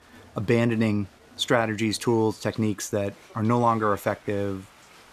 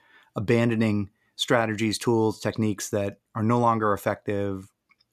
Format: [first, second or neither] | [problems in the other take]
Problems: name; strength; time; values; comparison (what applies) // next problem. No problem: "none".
second | crowd noise; faint; throughout; 25 dB below the speech